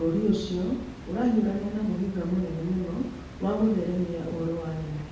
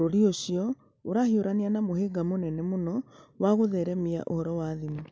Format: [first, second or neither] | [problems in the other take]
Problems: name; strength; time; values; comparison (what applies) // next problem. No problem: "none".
second | background sound (Water); 14 dB below the speech // room echo; dies away in 0.9 s